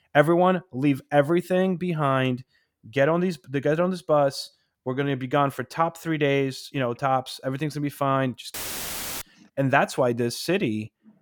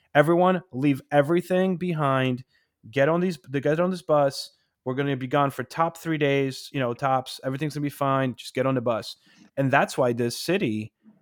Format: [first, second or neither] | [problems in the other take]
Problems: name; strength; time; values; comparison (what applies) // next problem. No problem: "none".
second | audio cutting out; filled with static; at 8.5 s for 0.5 s